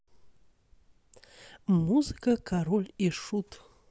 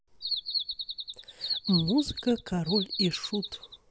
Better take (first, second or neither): first